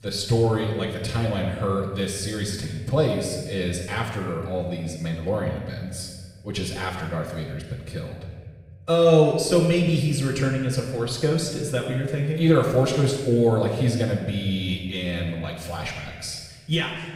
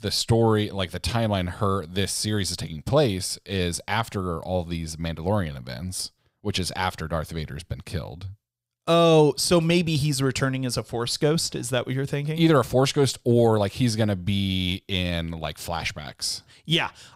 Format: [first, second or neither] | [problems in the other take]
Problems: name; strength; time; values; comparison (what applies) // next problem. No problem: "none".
second | off-mic speech; far // room echo; noticeable; dies away in 1.3 s